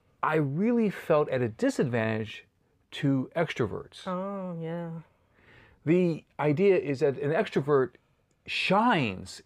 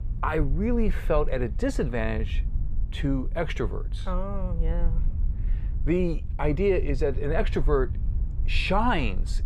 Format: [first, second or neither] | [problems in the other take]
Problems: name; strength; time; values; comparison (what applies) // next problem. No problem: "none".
first | low rumble; faint; throughout; 20 dB below the speech